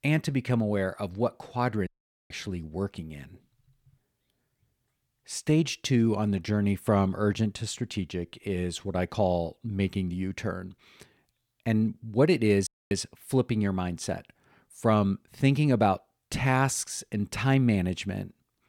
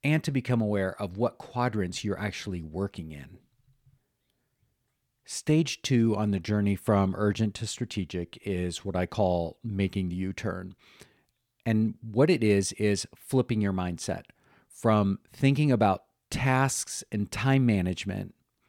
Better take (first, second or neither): second